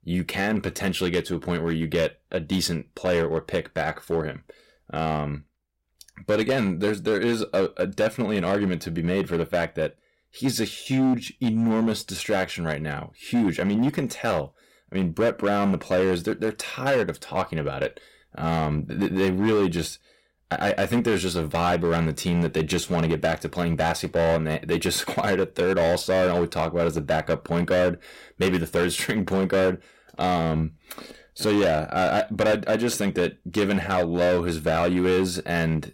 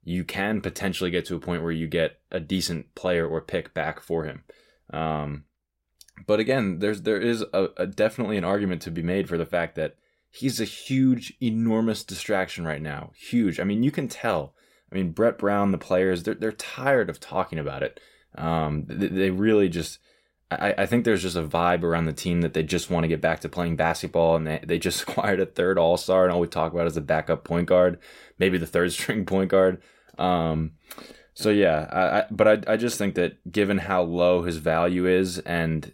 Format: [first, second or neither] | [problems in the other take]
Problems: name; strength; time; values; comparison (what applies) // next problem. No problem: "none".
second | distortion; slight; 10% of the sound clipped